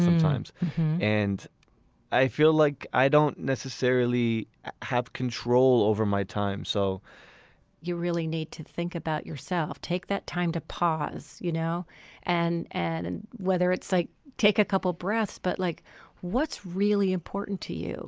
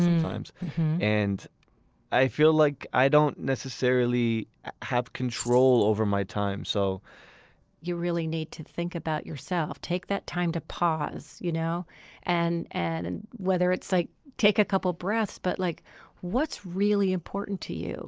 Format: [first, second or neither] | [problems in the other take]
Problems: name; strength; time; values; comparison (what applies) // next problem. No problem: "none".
first | noise reduction (neural separator model SepFormer DNS4)